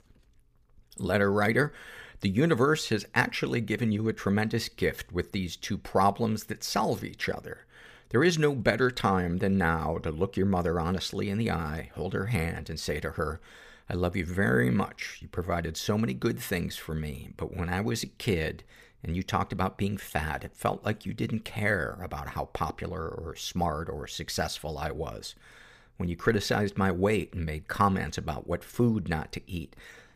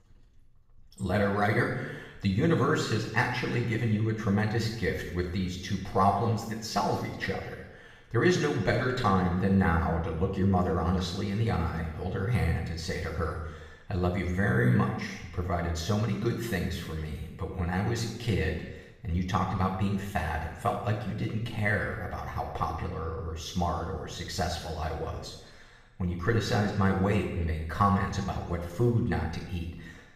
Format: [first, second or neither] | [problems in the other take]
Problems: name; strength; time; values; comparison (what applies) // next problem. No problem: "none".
first | room echo; noticeable; dies away in 1 s // off-mic speech; far